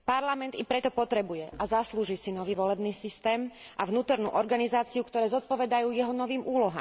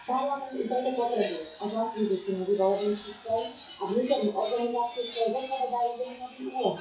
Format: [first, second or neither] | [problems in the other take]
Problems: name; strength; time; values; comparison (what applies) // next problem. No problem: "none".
first | noise reduction (classical method WPE with log-MMSE)